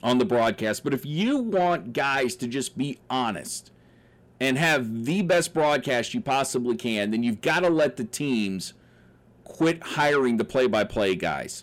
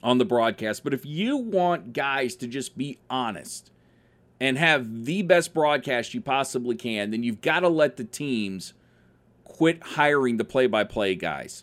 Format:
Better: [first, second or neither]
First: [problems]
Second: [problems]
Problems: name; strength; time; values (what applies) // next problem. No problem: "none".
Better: second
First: distortion; slight; 10 dB below the speech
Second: none